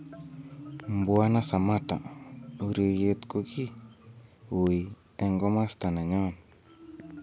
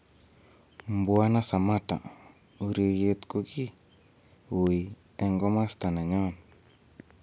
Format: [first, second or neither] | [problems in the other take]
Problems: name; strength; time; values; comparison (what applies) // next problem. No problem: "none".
second | background sound (Marimba, xylophone); 17 dB below the speech